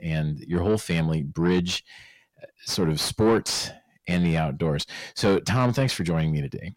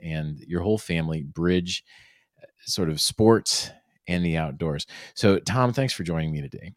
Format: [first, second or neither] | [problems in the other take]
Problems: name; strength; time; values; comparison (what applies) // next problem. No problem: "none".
second | distortion; heavy; 8 dB below the speech